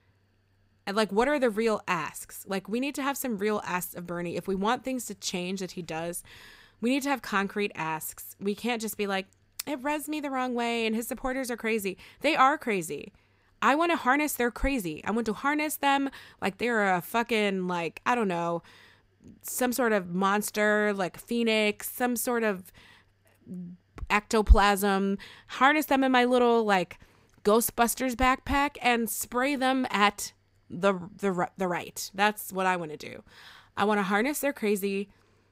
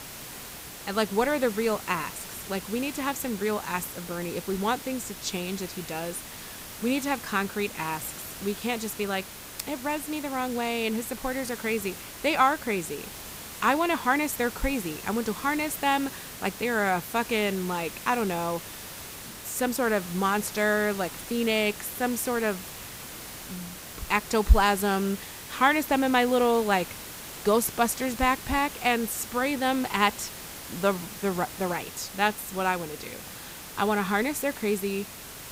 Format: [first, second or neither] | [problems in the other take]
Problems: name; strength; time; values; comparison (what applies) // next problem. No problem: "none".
first | hiss; noticeable; throughout; 10 dB below the speech